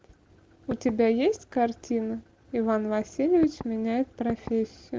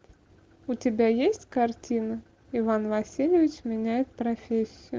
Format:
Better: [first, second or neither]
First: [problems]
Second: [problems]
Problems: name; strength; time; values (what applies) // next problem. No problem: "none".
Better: second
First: background sound (Knock / Wood); 14 dB below the speech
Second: none